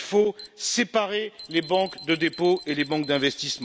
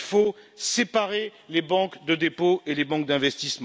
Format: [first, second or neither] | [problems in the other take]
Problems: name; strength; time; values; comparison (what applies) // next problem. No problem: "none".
second | background sound (Alarm); 19 dB below the speech